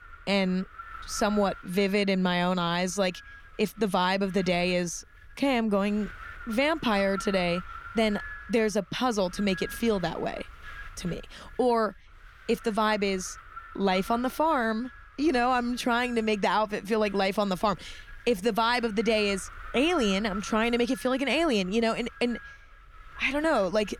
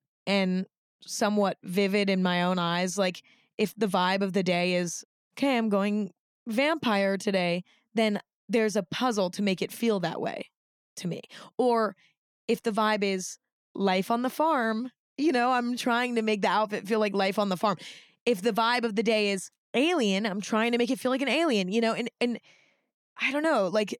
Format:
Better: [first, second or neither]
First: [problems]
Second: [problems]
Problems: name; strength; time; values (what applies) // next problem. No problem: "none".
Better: second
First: wind noise on the microphone; occasional gusts; 15 dB below the speech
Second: none